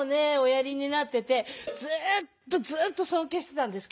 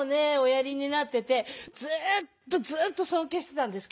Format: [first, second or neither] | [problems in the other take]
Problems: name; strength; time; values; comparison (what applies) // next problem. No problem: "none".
second | background sound (Cowbell); 19 dB below the speech